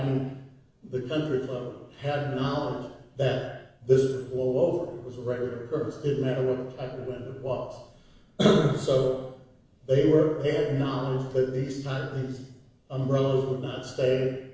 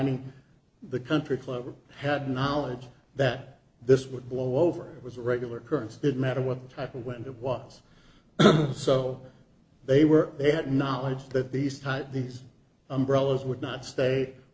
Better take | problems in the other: second | room echo; dies away in 0.8 s

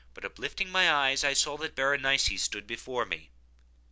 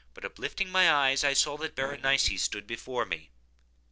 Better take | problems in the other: first | noise reduction (neural separator model SepFormer DNS4)

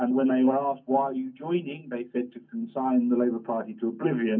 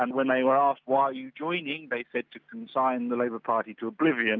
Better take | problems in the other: second | room echo; dies away in 0.3 s

